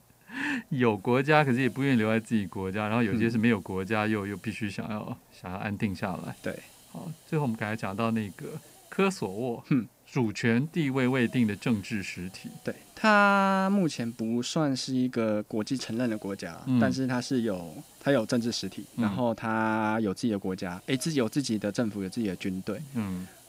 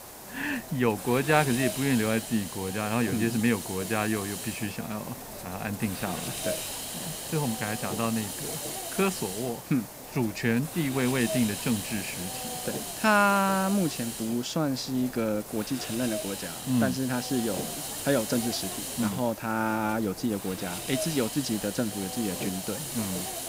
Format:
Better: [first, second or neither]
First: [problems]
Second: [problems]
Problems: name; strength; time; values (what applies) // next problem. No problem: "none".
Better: first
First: hiss; faint; throughout; 25 dB below the speech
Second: hiss; loud; throughout; 6 dB below the speech